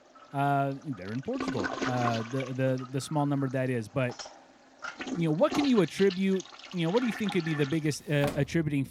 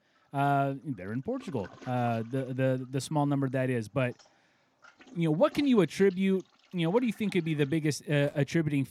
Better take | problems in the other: second | household noises; loud; throughout; 9 dB below the speech; faint in the second

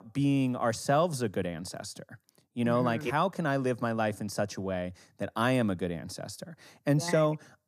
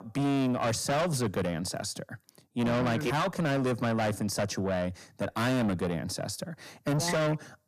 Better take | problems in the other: first | distortion; heavy; 6 dB below the speech

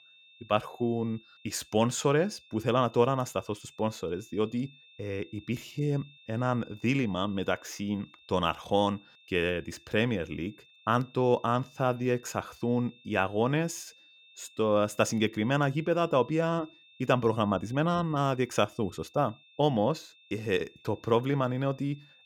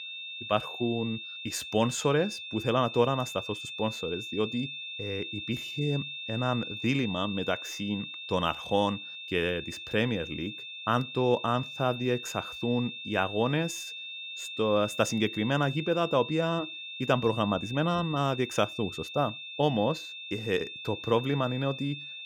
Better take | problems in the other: first | high-pitched whine; loud; throughout; 3.5 kHz, 8 dB below the speech; faint in the first

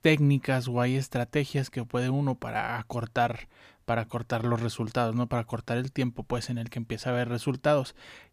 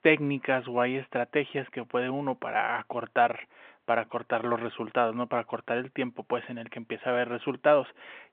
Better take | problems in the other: first | phone-call audio

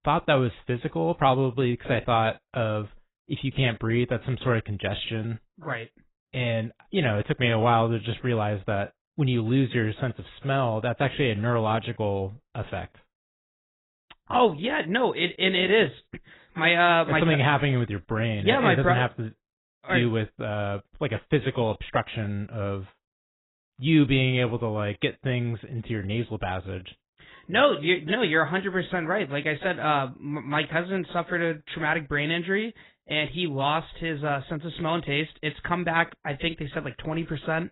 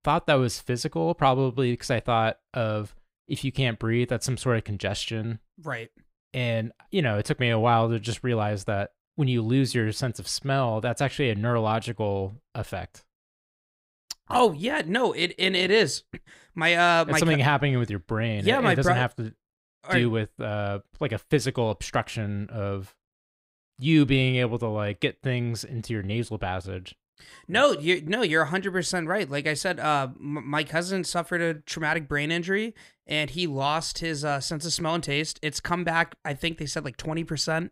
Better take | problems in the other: second | garbled, watery; badly; nothing above 4 kHz

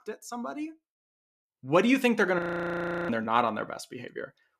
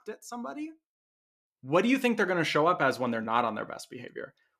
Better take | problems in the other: second | audio freezing; at 2.5 s for 0.5 s

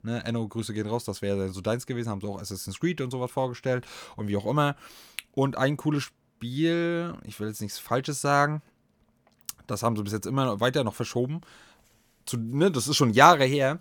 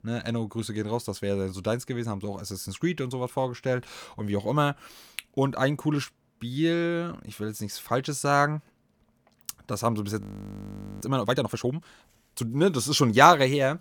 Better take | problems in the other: first | audio freezing; at 10 s for 1 s

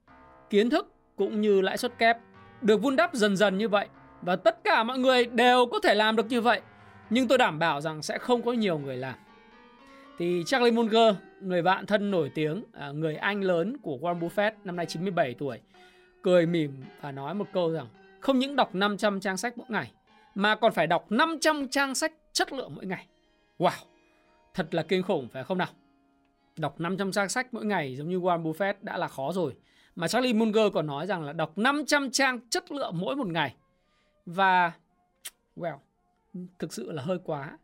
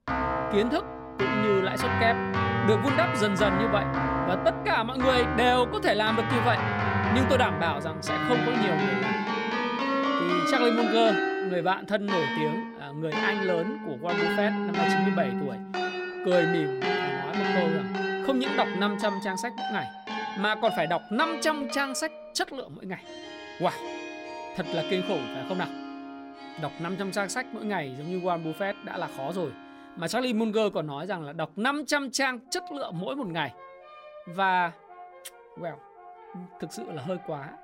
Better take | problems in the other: first | background music; loud; throughout; as loud as the speech; faint in the first

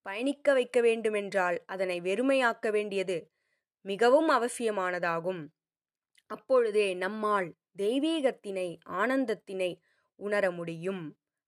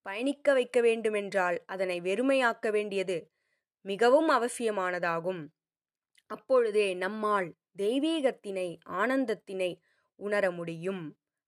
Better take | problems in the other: neither | none

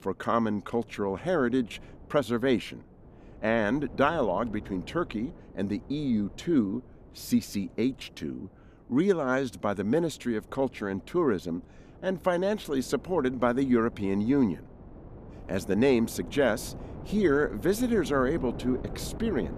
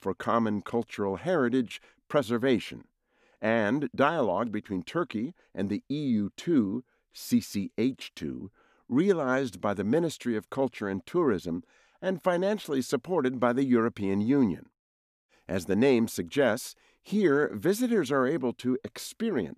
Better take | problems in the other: second | wind noise on the microphone; occasional gusts; 20 dB below the speech

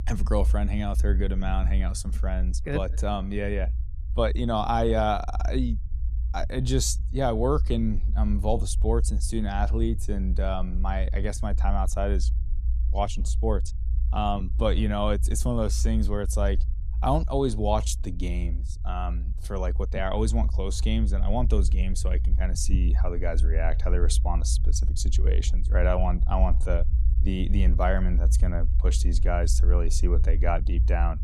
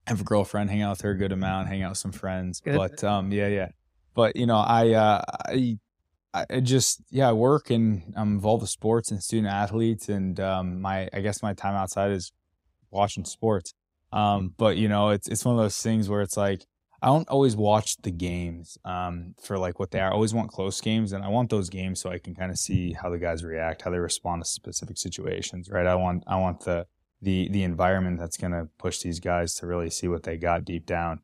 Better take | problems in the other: second | low rumble; noticeable; throughout; 15 dB below the speech

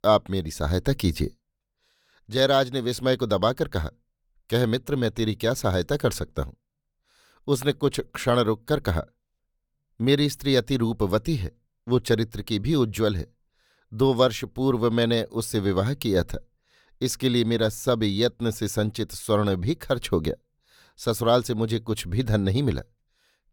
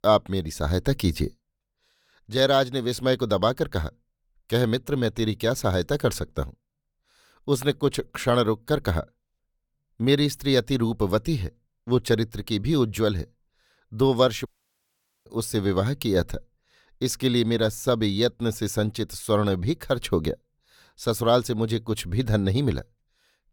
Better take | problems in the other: first | audio cutting out; at 14 s for 1 s

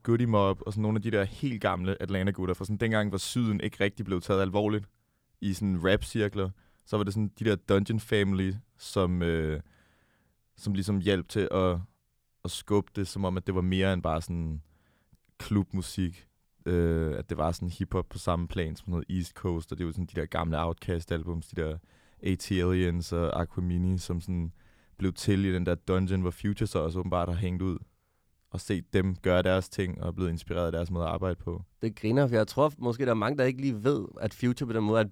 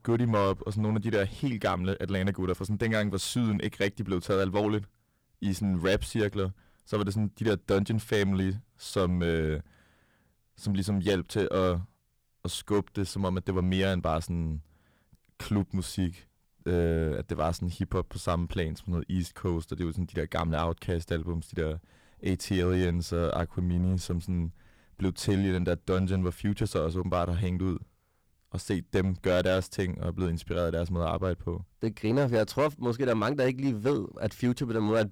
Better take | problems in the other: first | distortion; slight; 5% of the sound clipped

